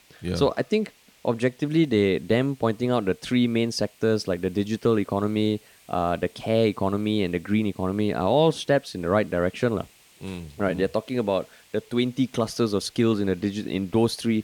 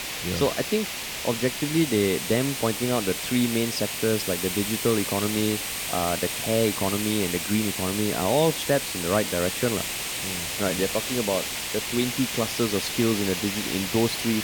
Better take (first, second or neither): first